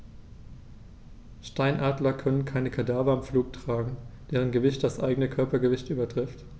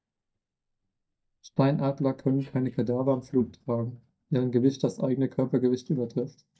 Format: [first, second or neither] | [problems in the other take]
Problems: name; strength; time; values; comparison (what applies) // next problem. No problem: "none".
first | noise reduction (neural mask model DeepFilterNet 3)